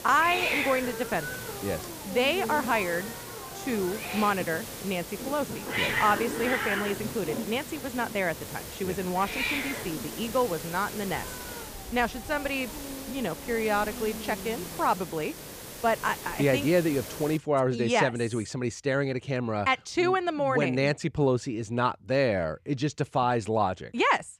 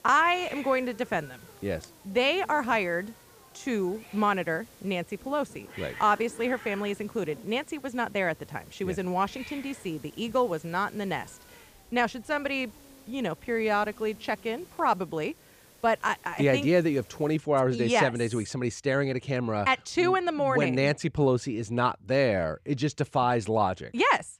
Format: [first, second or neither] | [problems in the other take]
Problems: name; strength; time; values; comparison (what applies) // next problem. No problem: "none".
second | hiss; loud; until 17 s; 6 dB below the speech; faint in the second